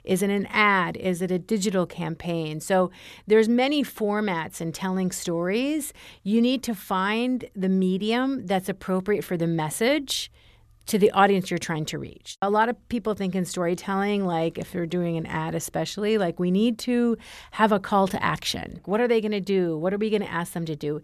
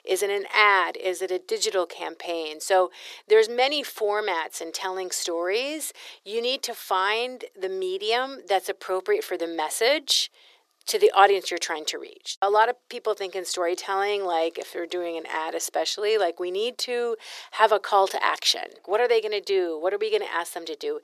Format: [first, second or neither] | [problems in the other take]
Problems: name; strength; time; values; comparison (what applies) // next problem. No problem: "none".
first | thin; very; fading below 350 Hz